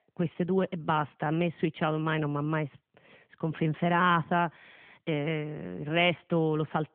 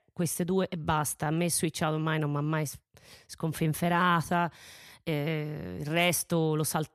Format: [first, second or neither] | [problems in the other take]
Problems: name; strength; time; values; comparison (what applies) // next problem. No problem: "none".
second | phone-call audio; nothing above 3 kHz